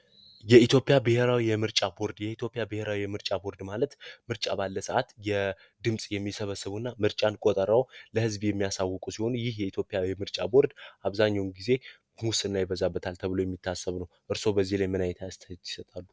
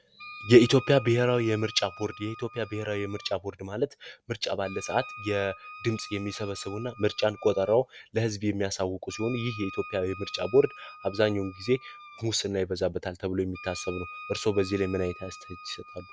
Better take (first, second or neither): first